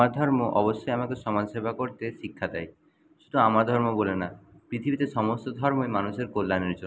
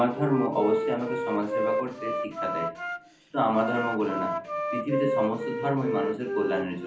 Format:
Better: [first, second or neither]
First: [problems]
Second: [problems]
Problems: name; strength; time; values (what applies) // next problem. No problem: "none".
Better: first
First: none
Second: background sound (Wind instrument, woodwind instrument); 2 dB below the speech // room echo; dies away in 0.4 s